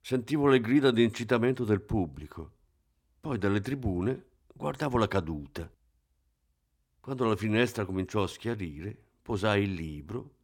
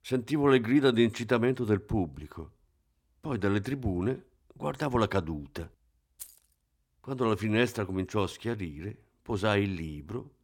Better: first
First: none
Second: jangling keys; faint; at 6 s; peak 15 dB below the speech

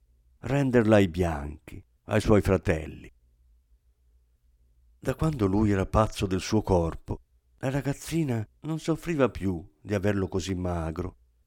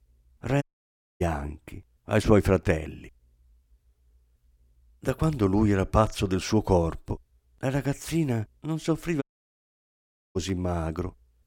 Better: first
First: none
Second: audio cutting out; at 0.5 s for 0.5 s and at 9 s for 1 s

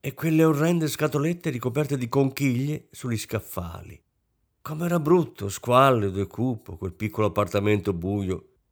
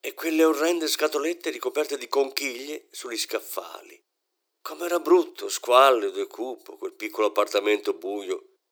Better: first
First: none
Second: thin; very; fading below 350 Hz

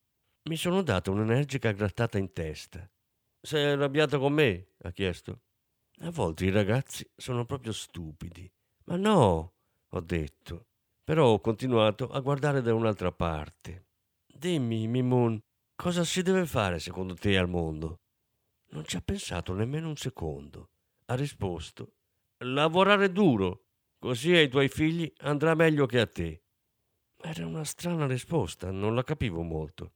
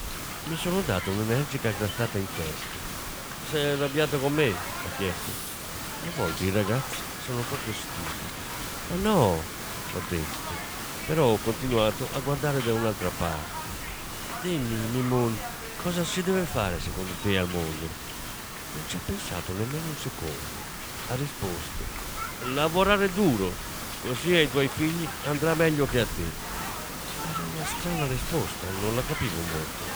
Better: first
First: none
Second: hiss; loud; throughout; 5 dB below the speech

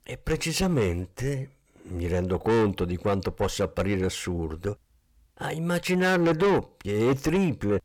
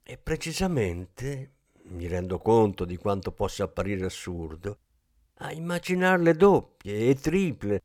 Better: second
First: distortion; heavy; 7 dB below the speech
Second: none

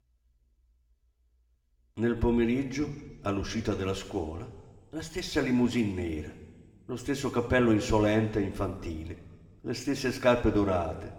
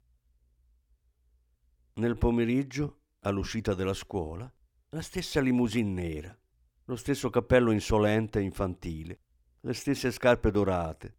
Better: second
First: room echo; slight; dies away in 1.2 s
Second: none

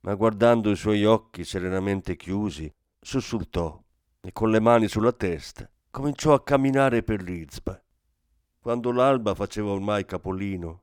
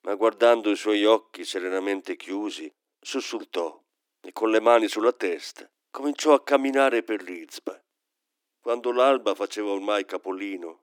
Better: first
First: none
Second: thin; somewhat; fading below 300 Hz

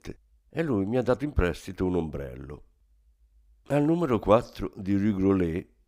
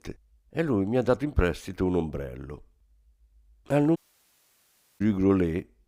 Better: first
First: none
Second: audio cutting out; at 4 s for 1 s

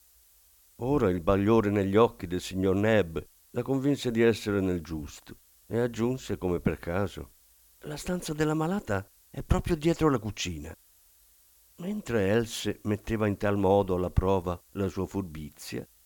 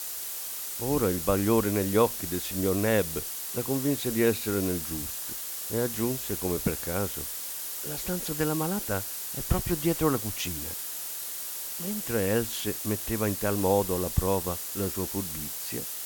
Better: first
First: hiss; faint; throughout; 30 dB below the speech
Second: hiss; loud; throughout; 3 dB below the speech

